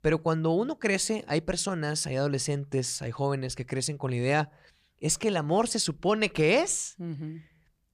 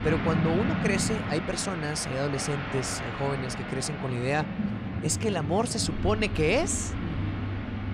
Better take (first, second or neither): first